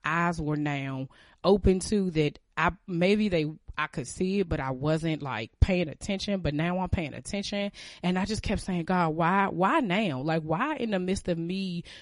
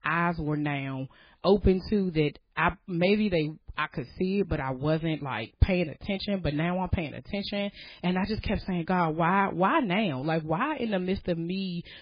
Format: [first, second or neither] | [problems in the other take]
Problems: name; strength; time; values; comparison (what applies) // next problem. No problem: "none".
first | garbled, watery; badly; nothing above 4 kHz; slightly in the first